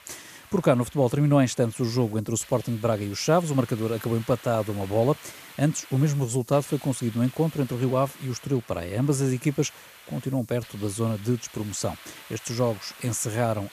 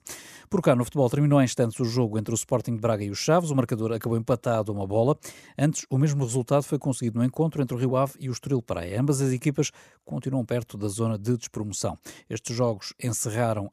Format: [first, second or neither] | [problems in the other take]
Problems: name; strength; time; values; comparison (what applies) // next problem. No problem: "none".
second | hiss; noticeable; throughout; 20 dB below the speech